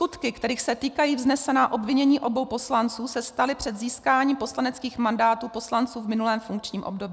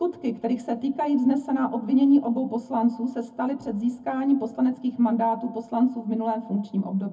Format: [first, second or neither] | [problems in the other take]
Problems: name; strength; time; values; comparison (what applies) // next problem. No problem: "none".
first | room echo; dies away in 0.3 s